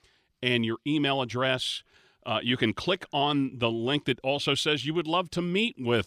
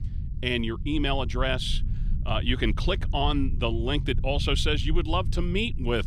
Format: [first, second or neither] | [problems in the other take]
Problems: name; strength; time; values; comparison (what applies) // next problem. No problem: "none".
first | low rumble; noticeable; throughout; 20 dB below the speech